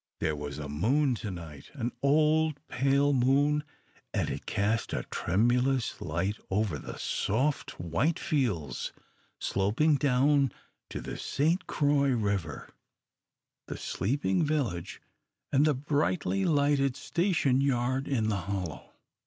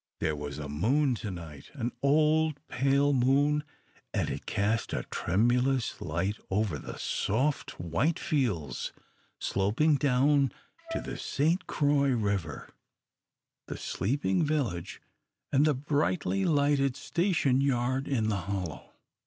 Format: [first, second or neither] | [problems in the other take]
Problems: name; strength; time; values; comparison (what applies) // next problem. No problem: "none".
first | background sound (Wind instrument, woodwind instrument); 12 dB below the speech